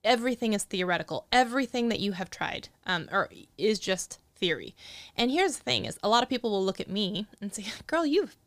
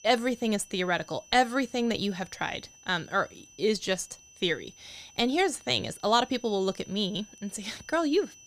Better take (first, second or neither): first